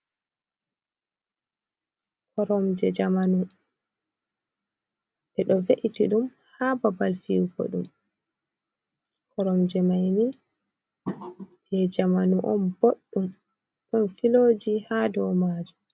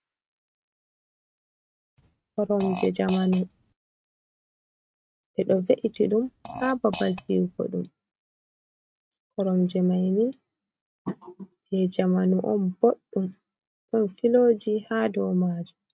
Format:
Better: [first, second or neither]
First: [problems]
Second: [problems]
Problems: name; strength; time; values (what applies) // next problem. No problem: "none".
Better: first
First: none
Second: noise reduction (neural mask model RNNoise)